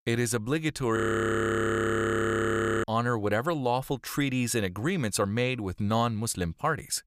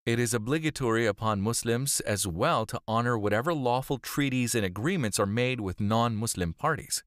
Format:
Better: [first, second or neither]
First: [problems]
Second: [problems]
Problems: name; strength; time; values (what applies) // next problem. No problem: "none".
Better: second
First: audio freezing; at 1 s for 2 s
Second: none